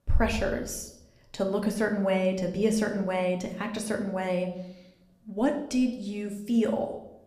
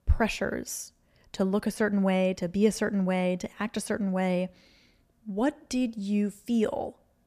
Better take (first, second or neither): second